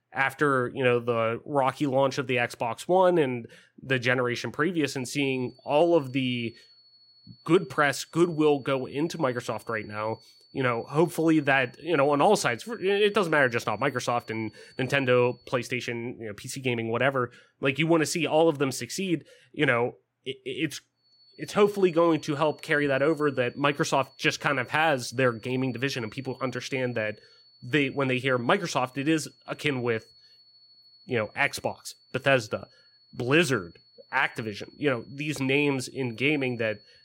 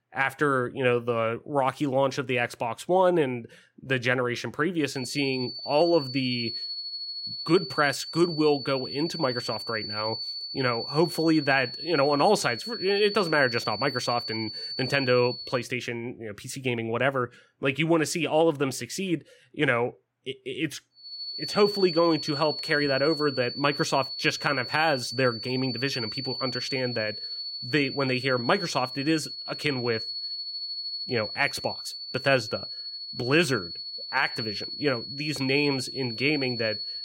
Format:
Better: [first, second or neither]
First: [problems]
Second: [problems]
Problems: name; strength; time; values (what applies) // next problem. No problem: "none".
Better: first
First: high-pitched whine; faint; from 5 to 16 s and from 21 s on; 4.5 kHz, 30 dB below the speech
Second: high-pitched whine; loud; from 5 to 16 s and from 21 s on; 4.5 kHz, 6 dB below the speech